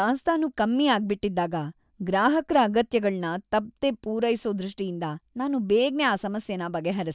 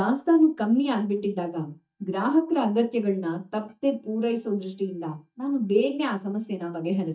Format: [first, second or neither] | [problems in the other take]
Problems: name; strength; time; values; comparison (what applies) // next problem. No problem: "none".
first | noise reduction (neural mask model DeepFilterNet 3)